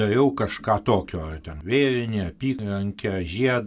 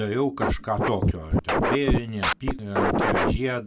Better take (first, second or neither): first